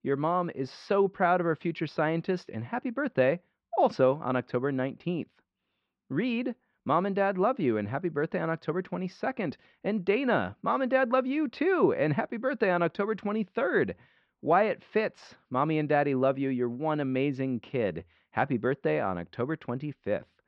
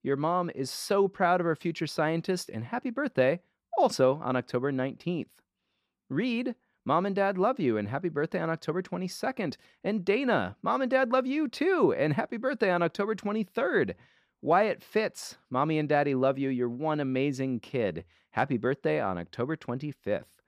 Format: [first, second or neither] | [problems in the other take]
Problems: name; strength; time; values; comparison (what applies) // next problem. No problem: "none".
second | muffled; slightly; fading above 3.5 kHz